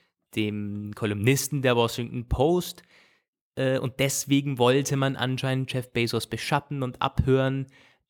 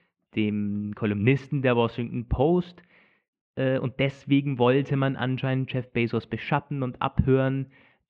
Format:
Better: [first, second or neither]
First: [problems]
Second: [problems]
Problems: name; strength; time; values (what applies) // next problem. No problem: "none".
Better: first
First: none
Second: muffled; very; fading above 2.5 kHz